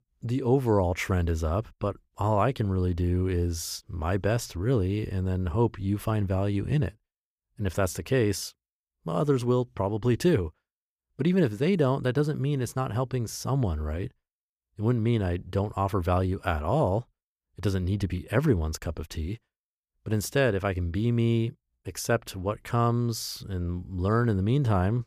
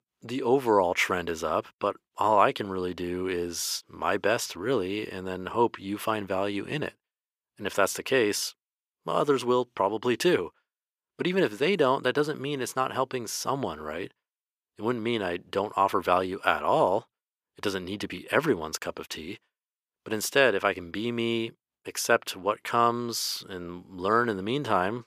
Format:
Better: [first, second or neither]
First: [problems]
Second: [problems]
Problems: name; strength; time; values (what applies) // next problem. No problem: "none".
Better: first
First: none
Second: thin; somewhat; fading below 350 Hz